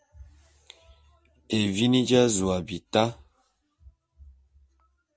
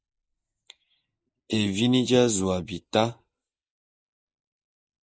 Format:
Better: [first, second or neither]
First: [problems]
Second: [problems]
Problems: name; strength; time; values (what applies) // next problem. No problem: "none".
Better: first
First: none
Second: noise reduction (neural mask model Resemble Enhance denoiser)